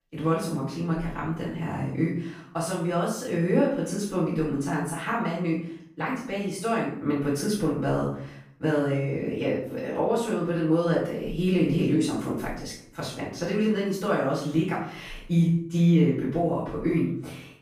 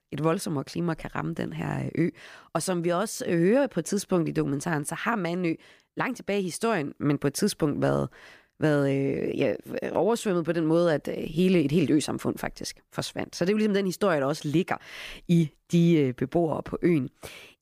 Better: second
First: off-mic speech; far // room echo; noticeable; dies away in 0.5 s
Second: none

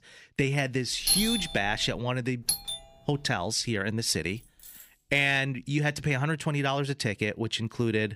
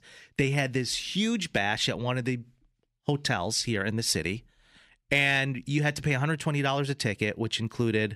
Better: second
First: doorbell; loud; at 1 s; peak 4 dB above the speech // doorbell; noticeable; at 2.5 s; peak level with the speech // jangling keys; faint; at 4.5 s; peak 20 dB below the speech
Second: none

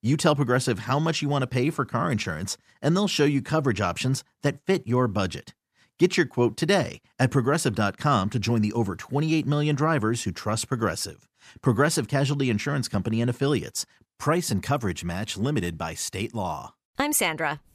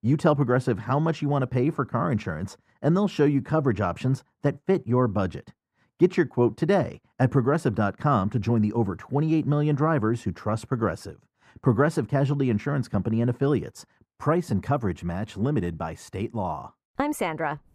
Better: first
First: none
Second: muffled; slightly; fading above 2 kHz

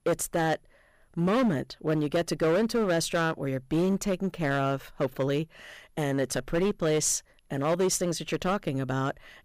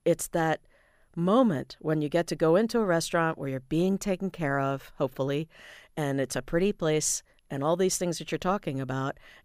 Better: second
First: distortion; slight; 9% of the sound clipped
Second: none

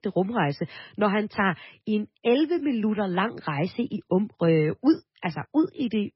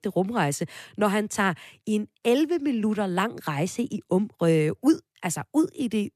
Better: second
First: garbled, watery; badly; nothing above 5.5 kHz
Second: none

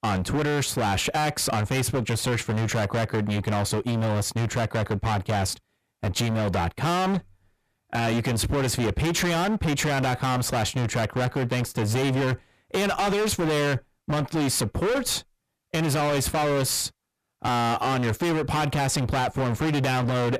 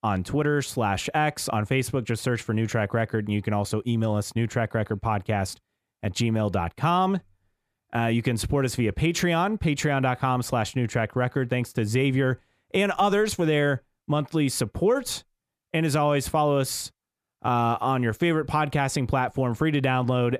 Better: second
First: distortion; heavy; 34% of the sound clipped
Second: none

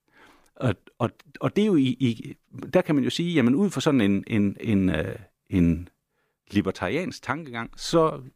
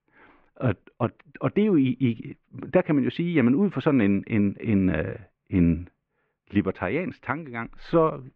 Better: first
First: none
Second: muffled; very; fading above 2.5 kHz

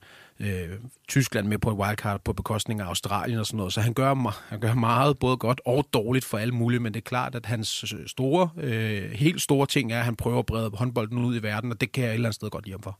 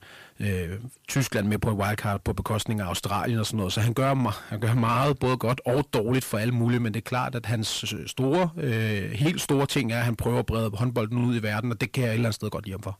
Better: first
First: none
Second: distortion; slight; 10 dB below the speech

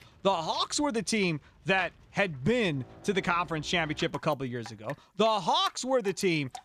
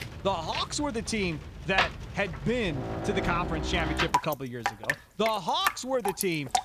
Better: first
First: rain or running water; faint; throughout; 20 dB below the speech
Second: rain or running water; loud; throughout; 2 dB below the speech

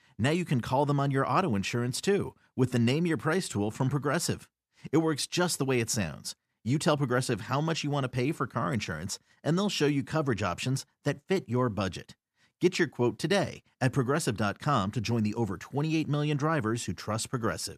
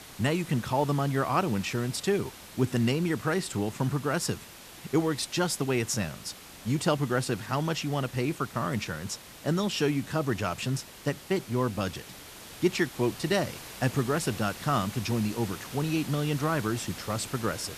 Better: first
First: none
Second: hiss; noticeable; throughout; 15 dB below the speech

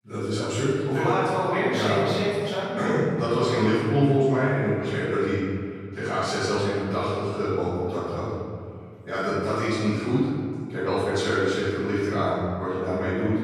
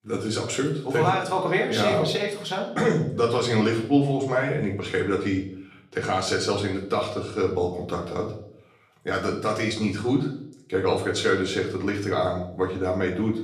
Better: second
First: room echo; strong; dies away in 1.9 s // off-mic speech; far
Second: room echo; slight; dies away in 0.5 s // off-mic speech; far

